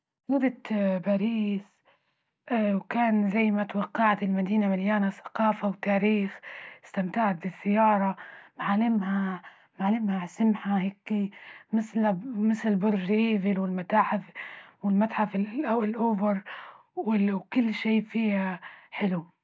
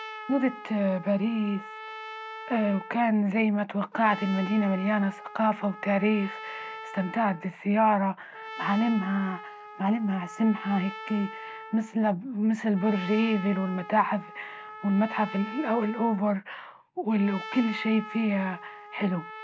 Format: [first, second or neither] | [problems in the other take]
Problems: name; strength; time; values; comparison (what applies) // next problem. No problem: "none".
first | background sound (Trumpet); 14 dB below the speech